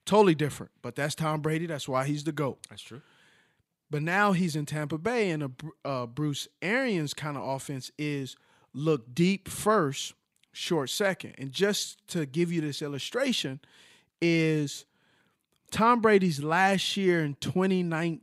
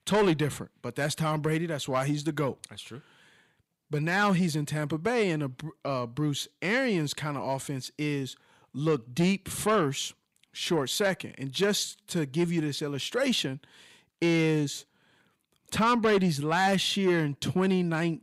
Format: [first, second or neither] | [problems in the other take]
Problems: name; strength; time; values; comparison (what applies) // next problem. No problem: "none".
first | distortion; slight; 10 dB below the speech